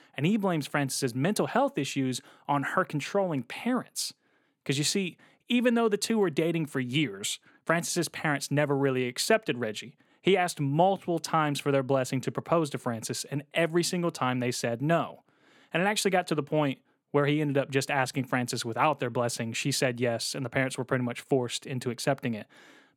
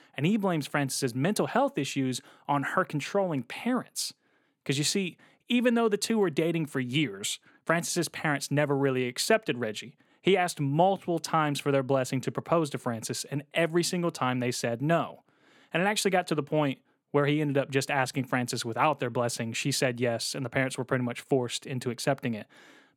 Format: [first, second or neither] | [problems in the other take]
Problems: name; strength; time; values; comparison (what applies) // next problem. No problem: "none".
neither | none